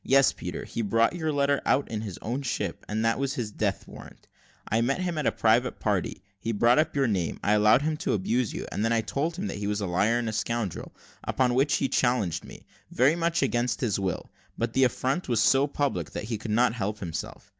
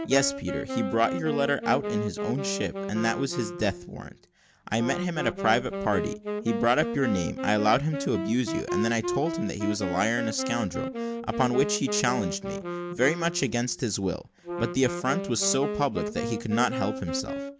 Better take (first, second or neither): first